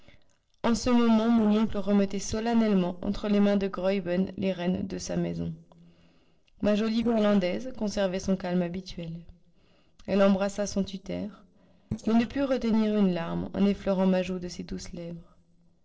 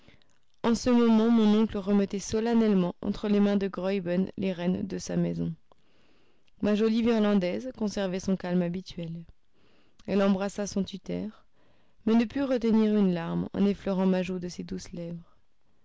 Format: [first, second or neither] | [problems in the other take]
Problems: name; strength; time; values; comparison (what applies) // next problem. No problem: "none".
second | noise reduction (neural separator model SepFormer DNS4)